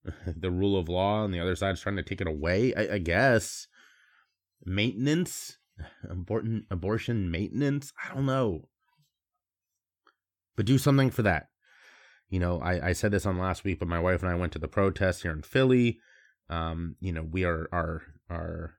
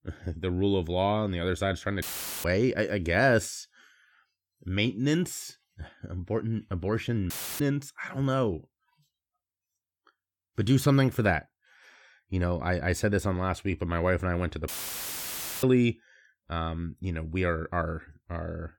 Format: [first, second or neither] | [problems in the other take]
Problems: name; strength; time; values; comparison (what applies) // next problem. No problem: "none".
first | audio cutting out; filled with static; at 2 s, at 7.5 s and at 15 s for 1 s